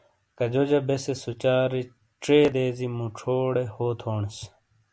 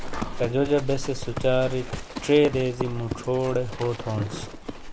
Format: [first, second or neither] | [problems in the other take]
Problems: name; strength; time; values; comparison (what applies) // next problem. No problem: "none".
first | background sound (Livestock, farm animals, working animals); 6 dB below the speech